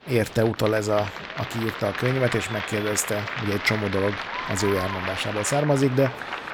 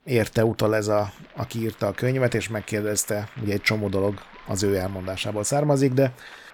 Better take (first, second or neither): second